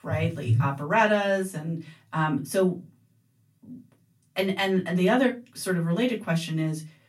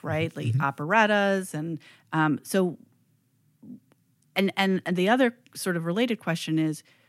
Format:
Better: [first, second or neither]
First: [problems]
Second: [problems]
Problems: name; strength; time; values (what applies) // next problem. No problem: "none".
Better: second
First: off-mic speech; far // room echo; very slight; dies away in 0.2 s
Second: none